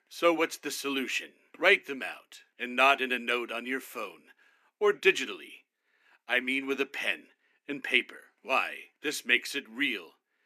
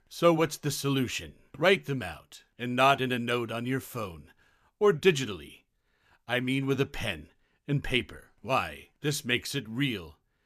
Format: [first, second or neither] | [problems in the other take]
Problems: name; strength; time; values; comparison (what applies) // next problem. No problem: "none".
second | thin; very slightly; fading below 250 Hz